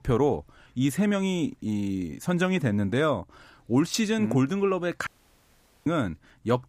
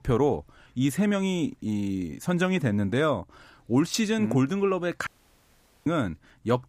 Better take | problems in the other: neither | audio cutting out; at 5 s for 1 s; the same in both

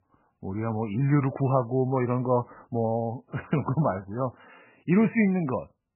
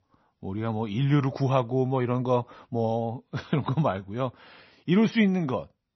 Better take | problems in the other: second | garbled, watery; badly; nothing above 2.5 kHz; slightly in the second

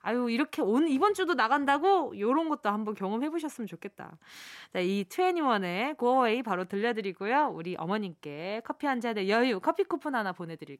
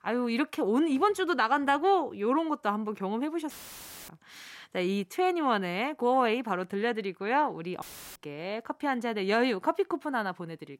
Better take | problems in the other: first | audio cutting out; filled with static; at 3.5 s for 0.5 s and at 8 s

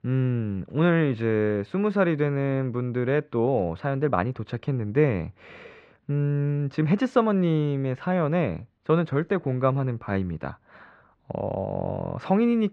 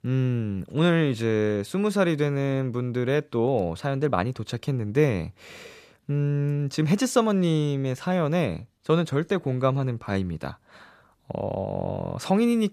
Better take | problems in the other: second | muffled; very; fading above 2 kHz

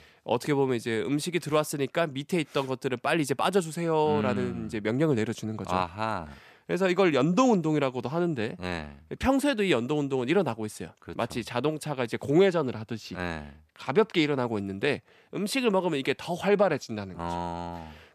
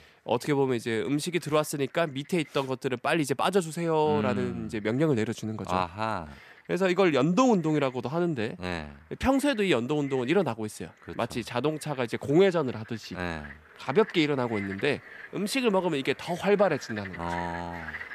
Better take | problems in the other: first | animal sounds; noticeable; throughout; 20 dB below the speech

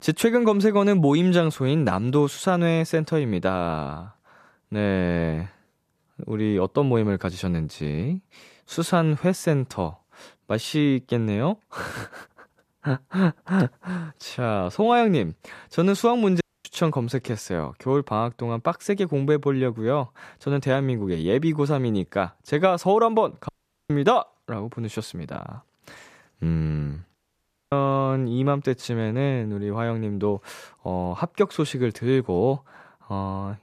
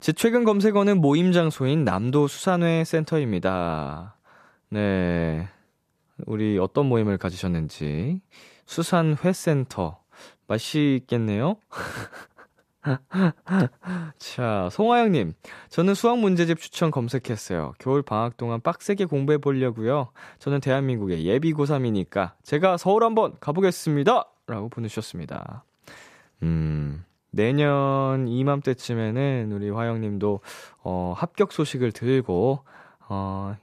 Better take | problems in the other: second | audio cutting out; at 16 s, at 23 s and at 27 s for 0.5 s

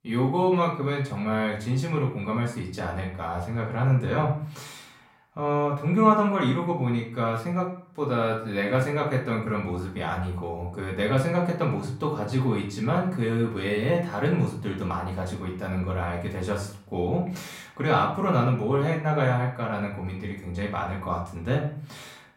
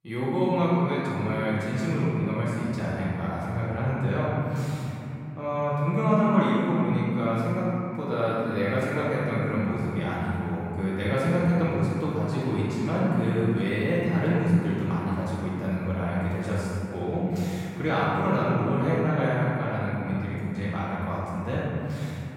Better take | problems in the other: first | room echo; strong; dies away in 3 s; slight in the first // off-mic speech; far; far in the first

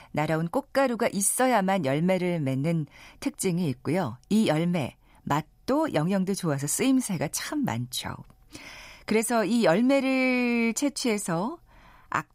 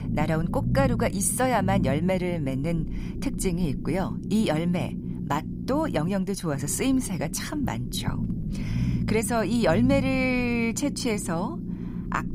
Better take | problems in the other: first | low rumble; noticeable; throughout; 10 dB below the speech

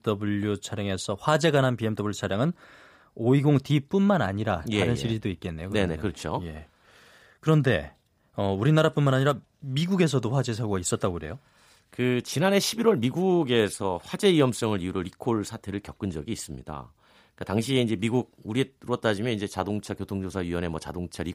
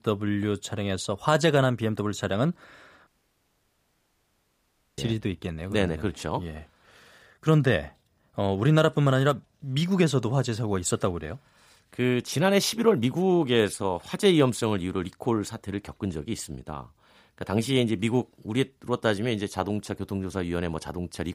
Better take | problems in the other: first | audio cutting out; at 3 s for 2 s

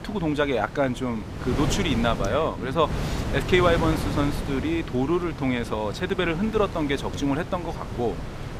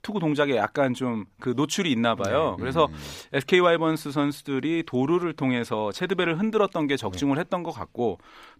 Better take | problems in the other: second | wind noise on the microphone; heavy; 10 dB below the speech

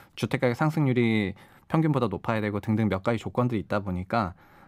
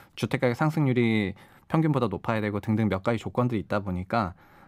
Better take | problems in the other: neither | none

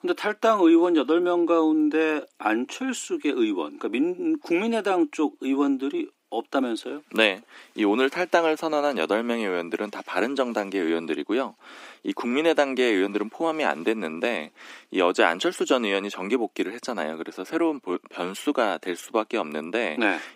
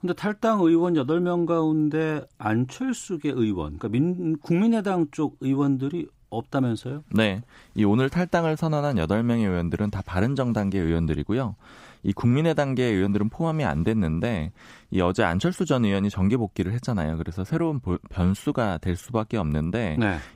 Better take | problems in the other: second | thin; somewhat; fading below 250 Hz

